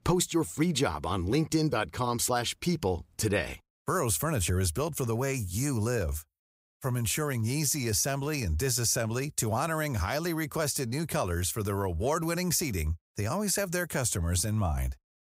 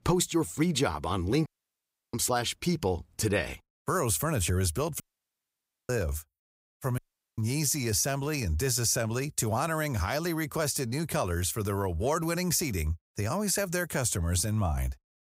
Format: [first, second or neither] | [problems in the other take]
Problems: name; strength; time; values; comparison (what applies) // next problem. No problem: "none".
first | audio cutting out; at 1.5 s for 0.5 s, at 5 s for 1 s and at 7 s